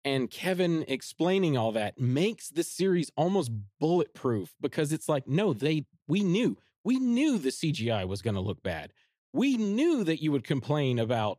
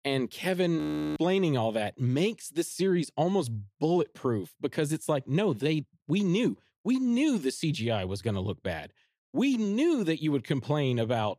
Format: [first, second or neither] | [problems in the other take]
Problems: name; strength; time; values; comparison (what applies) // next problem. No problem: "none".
first | audio freezing; at 1 s